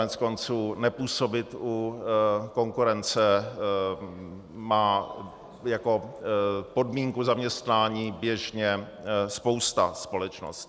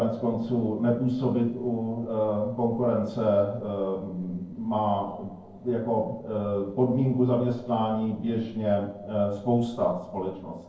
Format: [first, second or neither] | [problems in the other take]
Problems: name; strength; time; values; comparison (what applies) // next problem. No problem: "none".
first | noise reduction (neural separator model SepFormer DNS4)